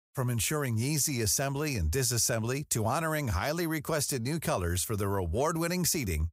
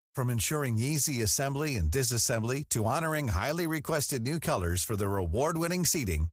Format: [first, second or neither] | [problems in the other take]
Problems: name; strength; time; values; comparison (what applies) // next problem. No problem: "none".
first | garbled, watery; slightly; nothing above 15.5 kHz